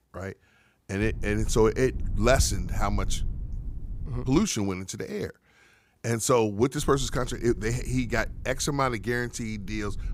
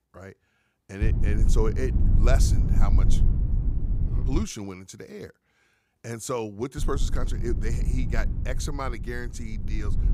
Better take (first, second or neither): first